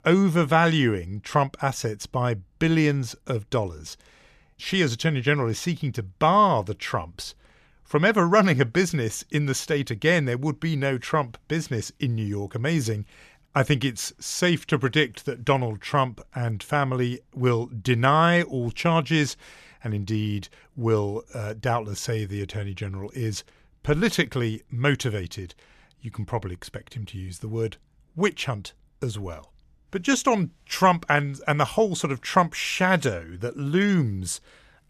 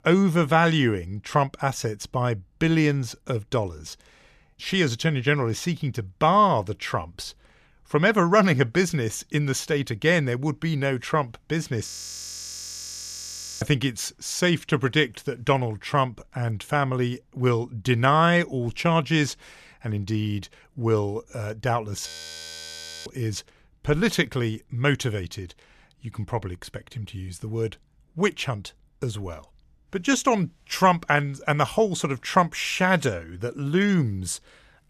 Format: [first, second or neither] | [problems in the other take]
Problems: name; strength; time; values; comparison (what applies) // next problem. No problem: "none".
first | audio freezing; at 12 s for 1.5 s and at 22 s for 1 s